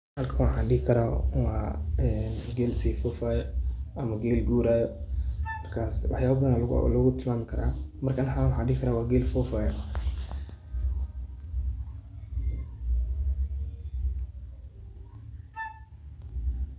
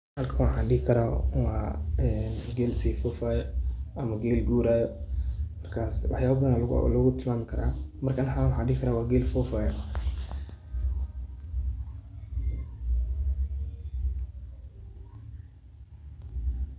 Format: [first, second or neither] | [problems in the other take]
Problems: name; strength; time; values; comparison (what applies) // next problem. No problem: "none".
second | background sound (Wind instrument, woodwind instrument); 15 dB below the speech